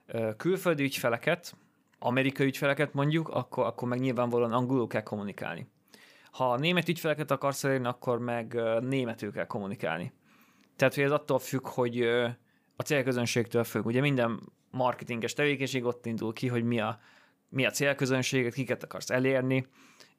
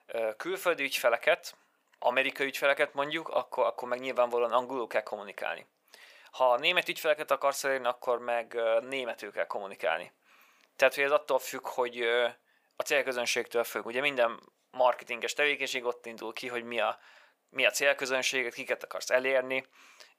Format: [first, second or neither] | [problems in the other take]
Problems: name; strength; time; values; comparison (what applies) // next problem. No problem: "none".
first | thin; very; fading below 650 Hz